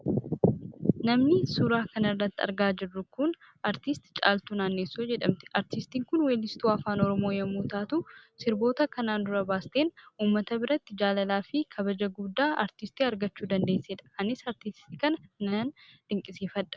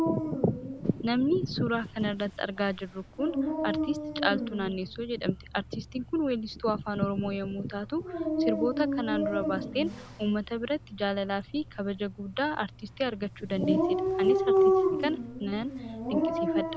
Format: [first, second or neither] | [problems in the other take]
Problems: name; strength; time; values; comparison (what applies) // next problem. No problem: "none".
first | background sound (Dog); as loud as the speech